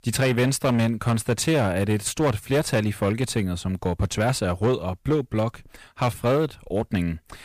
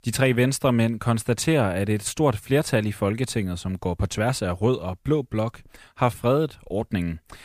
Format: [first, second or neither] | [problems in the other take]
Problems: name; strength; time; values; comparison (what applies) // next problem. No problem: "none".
second | distortion; slight; 9% of the sound clipped